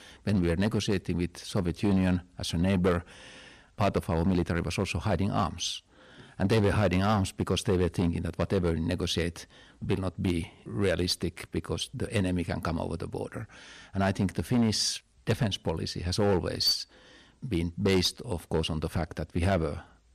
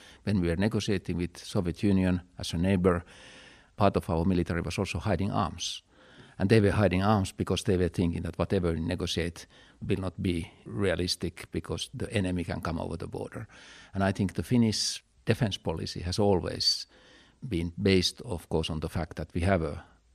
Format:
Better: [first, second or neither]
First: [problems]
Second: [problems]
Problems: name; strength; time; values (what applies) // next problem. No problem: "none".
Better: second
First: distortion; slight; 5% of the sound clipped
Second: none